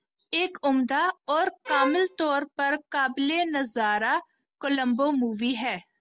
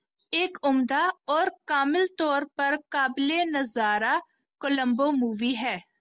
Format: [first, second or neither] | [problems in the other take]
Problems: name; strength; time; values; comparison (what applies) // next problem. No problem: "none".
second | background sound (Bowed string instrument); 5 dB below the speech